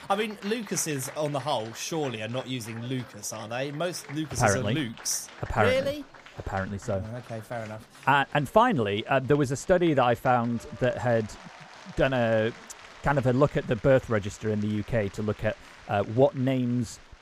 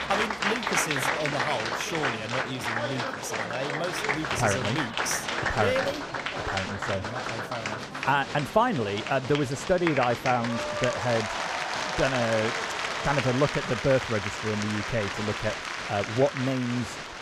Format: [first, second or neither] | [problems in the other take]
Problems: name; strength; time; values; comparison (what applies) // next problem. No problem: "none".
first | crowd noise; loud; throughout; 1 dB below the speech; faint in the first